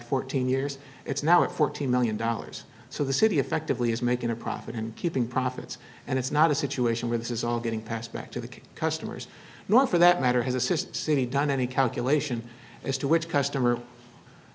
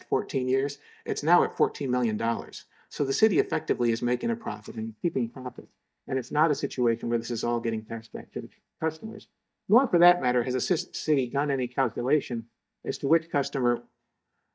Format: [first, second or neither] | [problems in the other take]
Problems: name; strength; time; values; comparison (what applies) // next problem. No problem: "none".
first | noise reduction (neural mask model DeepFilterNet 3)